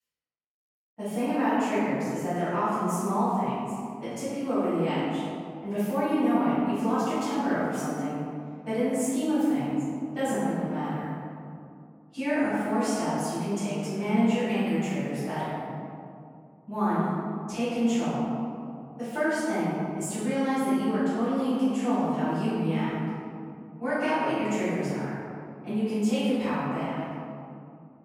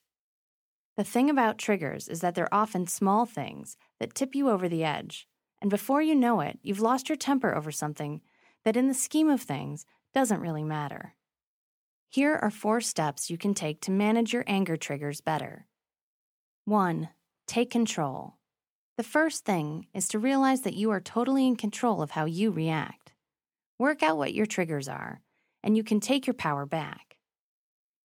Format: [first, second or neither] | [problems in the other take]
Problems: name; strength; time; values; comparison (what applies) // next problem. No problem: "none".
second | off-mic speech; far // room echo; strong; dies away in 2.3 s